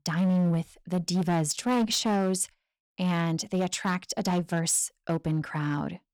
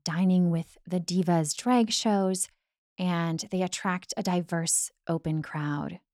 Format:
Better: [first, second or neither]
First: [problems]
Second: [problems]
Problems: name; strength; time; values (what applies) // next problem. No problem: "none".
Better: second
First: distortion; slight; 11% of the sound clipped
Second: none